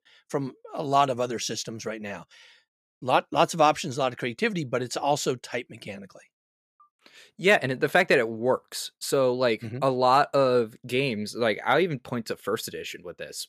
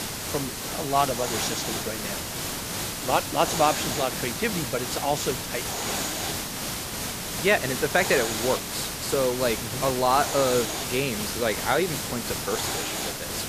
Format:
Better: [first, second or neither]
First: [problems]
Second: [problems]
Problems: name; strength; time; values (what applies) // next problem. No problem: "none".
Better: first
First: none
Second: hiss; loud; throughout; 2 dB below the speech